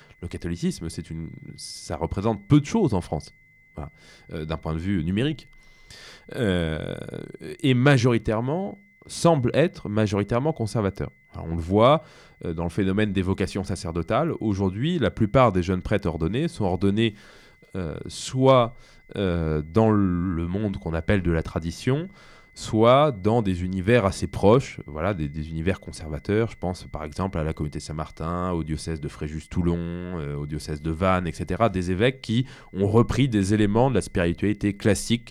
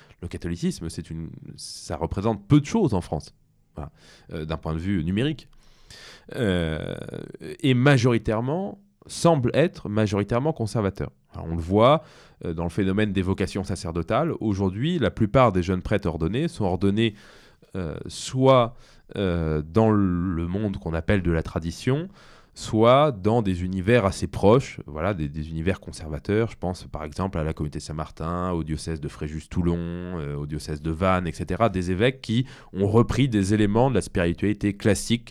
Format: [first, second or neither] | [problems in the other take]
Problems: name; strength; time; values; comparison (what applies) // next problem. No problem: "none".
second | high-pitched whine; faint; throughout; 2 kHz, 30 dB below the speech